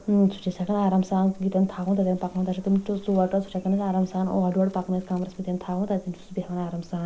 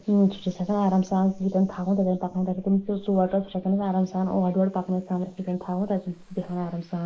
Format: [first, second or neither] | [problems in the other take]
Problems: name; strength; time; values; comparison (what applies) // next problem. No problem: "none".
first | noise reduction (neural mask model Resemble Enhance denoiser)